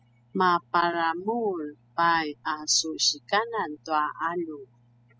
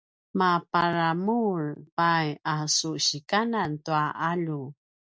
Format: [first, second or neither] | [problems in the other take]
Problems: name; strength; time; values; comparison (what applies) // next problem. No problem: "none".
second | noise reduction (classical method spectral subtraction)